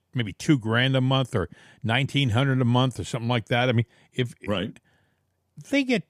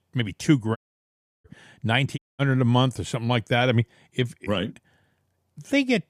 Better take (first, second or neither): first